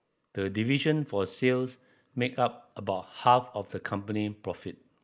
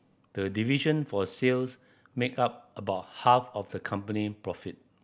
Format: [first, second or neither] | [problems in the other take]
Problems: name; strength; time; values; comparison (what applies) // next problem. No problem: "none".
second | noise reduction (neural mask model Resemble Enhance denoiser)